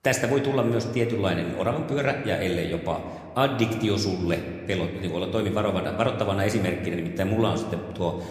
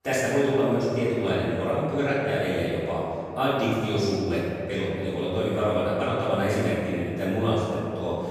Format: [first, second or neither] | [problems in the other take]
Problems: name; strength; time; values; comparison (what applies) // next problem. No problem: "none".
first | room echo; strong; dies away in 2.1 s; slight in the first // off-mic speech; far